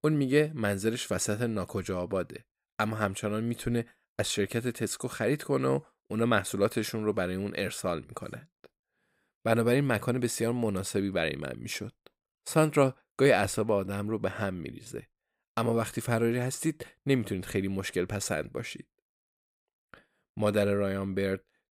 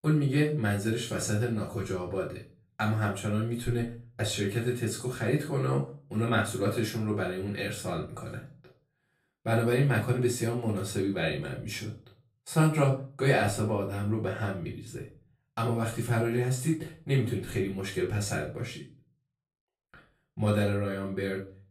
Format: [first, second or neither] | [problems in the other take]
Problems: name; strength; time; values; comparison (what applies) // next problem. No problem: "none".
first | off-mic speech; far // room echo; slight; dies away in 0.4 s